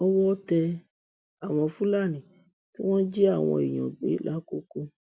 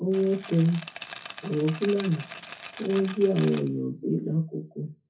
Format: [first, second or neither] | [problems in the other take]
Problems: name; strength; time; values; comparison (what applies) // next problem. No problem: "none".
first | background sound (Rattle); 15 dB below the speech // room echo; dies away in 0.3 s